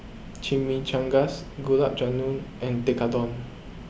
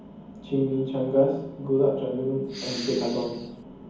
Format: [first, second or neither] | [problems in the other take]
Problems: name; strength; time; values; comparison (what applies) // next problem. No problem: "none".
first | background sound (Respiratory sounds); 12 dB below the speech // room echo; dies away in 1.2 s